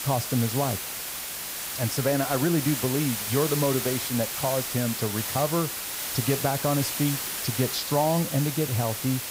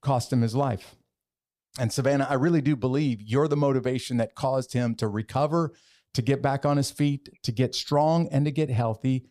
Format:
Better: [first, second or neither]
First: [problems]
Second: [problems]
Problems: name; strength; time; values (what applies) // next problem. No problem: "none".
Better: second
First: hiss; loud; throughout; 2 dB below the speech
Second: none